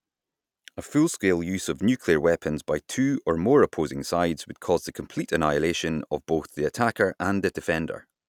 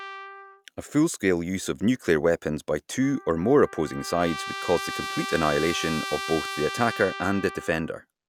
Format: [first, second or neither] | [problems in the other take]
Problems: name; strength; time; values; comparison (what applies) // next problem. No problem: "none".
first | background sound (Trumpet); 10 dB below the speech